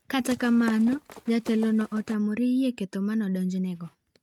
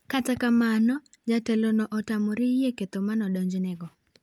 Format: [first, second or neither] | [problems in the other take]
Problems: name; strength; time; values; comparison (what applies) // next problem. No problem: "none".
second | noise reduction (neural mask model RNNoise)